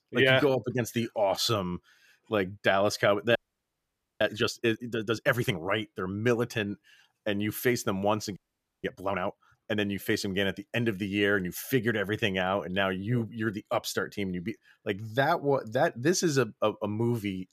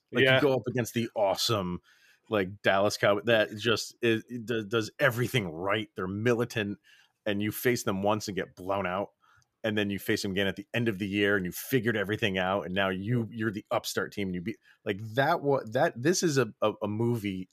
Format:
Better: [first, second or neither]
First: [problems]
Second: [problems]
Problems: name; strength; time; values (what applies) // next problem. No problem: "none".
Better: second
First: audio freezing; at 3.5 s for 1 s and at 8.5 s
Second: none